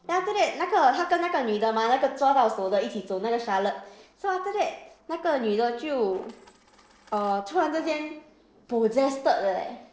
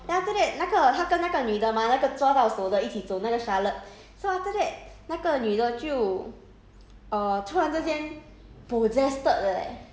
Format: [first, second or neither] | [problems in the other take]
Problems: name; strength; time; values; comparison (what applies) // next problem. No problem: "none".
second | noise reduction (neural separator model SepFormer DNS4)